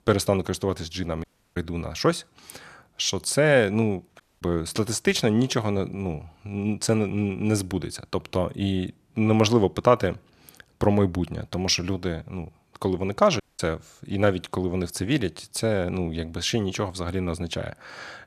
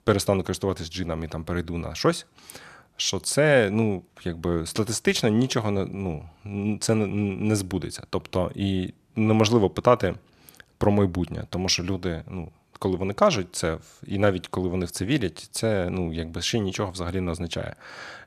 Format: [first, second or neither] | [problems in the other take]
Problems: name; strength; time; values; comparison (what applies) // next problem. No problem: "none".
second | audio cutting out; at 1 s, at 4 s and at 13 s